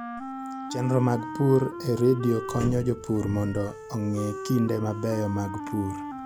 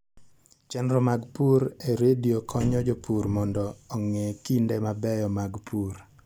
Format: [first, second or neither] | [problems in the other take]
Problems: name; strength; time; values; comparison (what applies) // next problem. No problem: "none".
second | background sound (Wind instrument, woodwind instrument); 10 dB below the speech